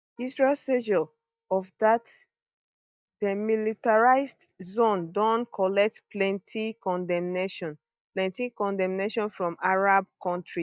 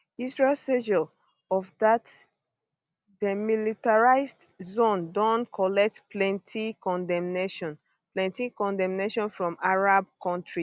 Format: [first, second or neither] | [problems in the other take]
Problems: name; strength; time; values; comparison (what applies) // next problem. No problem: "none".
second | noise reduction (neural mask model DeepFilterNet 3)